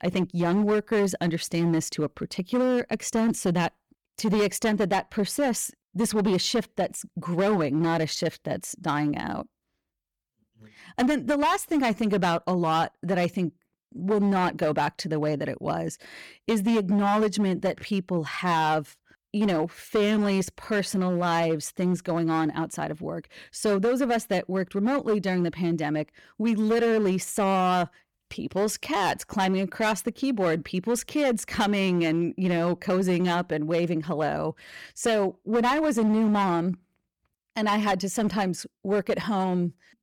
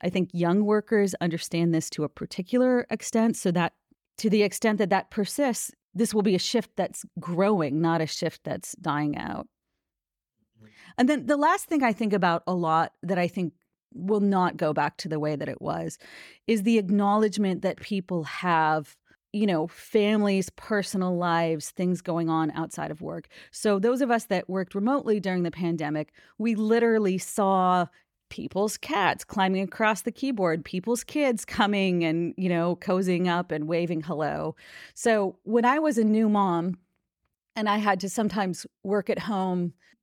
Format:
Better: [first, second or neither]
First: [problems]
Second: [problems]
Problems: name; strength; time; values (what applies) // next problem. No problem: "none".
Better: second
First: distortion; slight; 9% of the sound clipped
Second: none